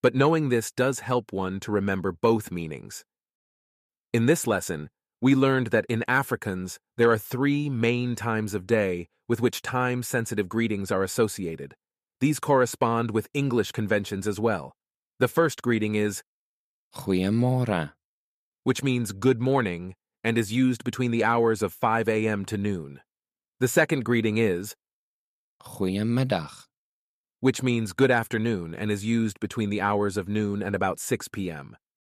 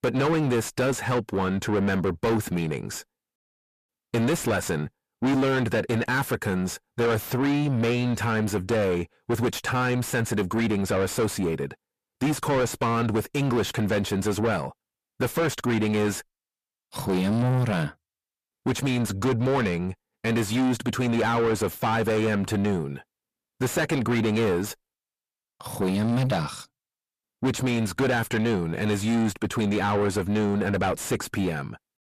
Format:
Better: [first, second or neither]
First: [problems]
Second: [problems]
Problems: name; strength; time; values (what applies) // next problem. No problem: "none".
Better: first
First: none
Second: distortion; heavy; 6 dB below the speech